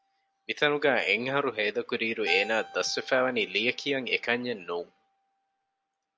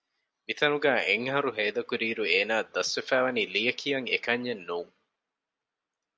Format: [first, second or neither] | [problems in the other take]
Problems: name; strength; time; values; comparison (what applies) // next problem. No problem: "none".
second | background sound (Keyboard (musical)); 20 dB below the speech